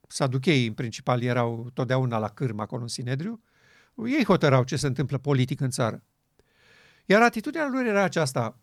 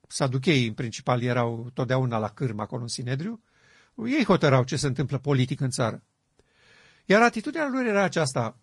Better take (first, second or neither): first